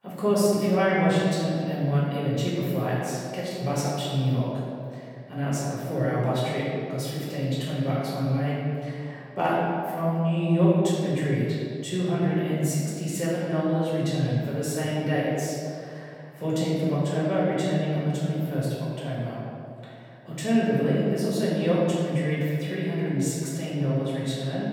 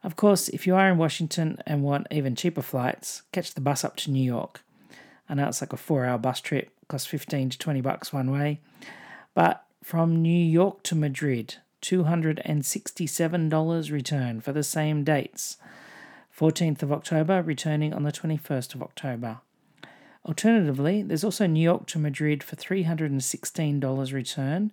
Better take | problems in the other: second | room echo; strong; dies away in 2.1 s // off-mic speech; far

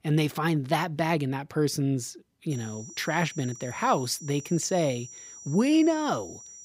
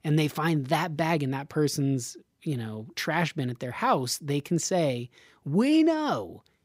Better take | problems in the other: second | high-pitched whine; noticeable; from 2.5 s on; 6 kHz, 15 dB below the speech

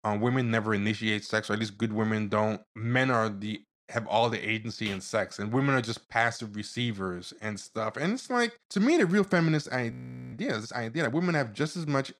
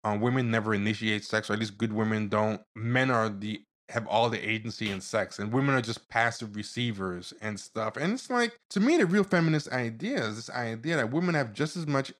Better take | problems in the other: second | audio freezing; at 10 s

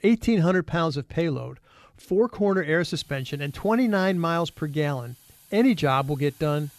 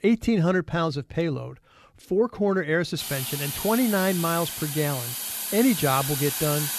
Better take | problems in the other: first | hiss; loud; from 3 s on; 4 dB below the speech; faint in the first

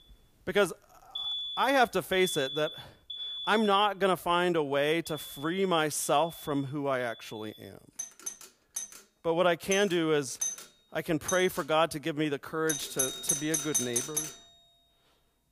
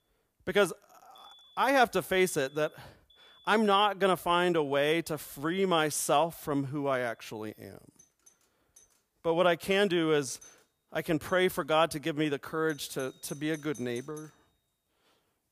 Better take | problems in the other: second | alarms or sirens; loud; throughout; 5 dB below the speech; faint in the second

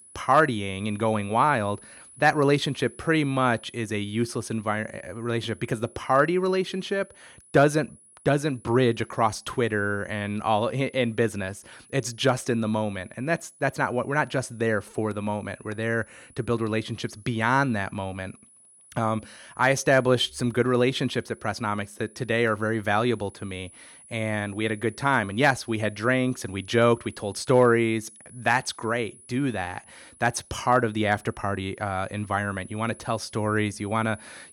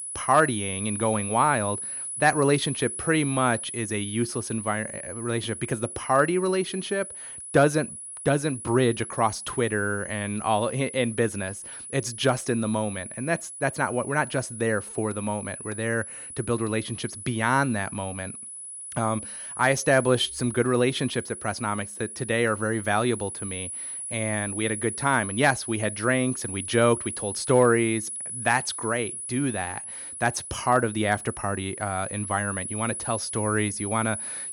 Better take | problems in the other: first | high-pitched whine; loud; throughout; 10 kHz, 8 dB below the speech; faint in the first

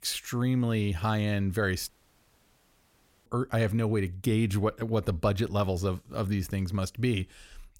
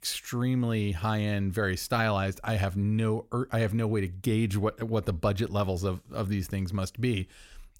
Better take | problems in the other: second | audio cutting out; at 2 s for 1.5 s

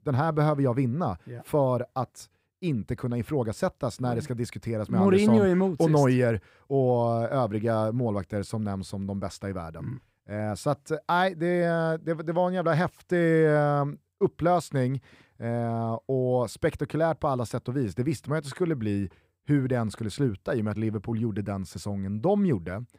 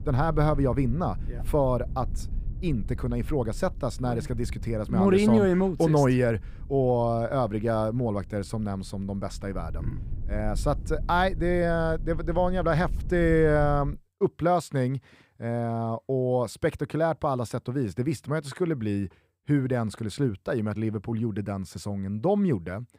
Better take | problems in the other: first | low rumble; faint; until 14 s; 25 dB below the speech

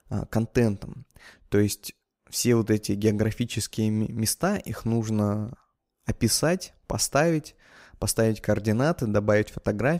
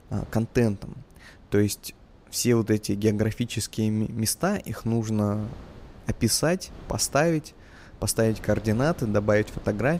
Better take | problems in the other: first | wind noise on the microphone; occasional gusts; 25 dB below the speech

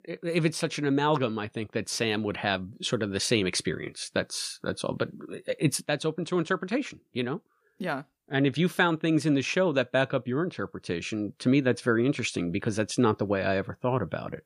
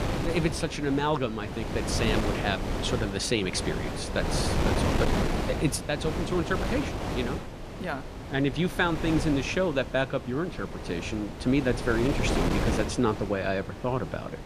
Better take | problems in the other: first | wind noise on the microphone; heavy; 4 dB below the speech

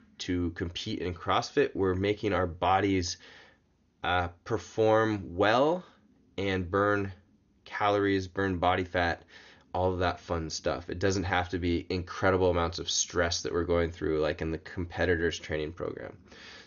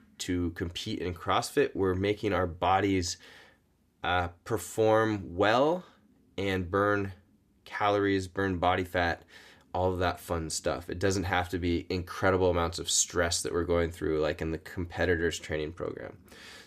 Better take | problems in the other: second | garbled, watery; slightly; nothing above 6.5 kHz

